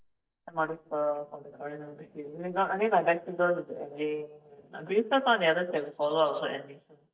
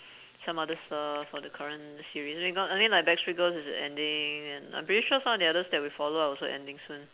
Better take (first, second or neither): second